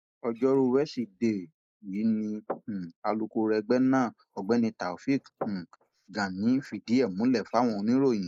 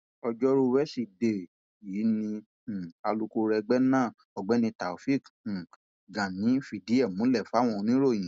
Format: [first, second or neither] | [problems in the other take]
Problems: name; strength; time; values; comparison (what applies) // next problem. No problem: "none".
second | noise reduction (neural mask model Resemble Enhance denoiser)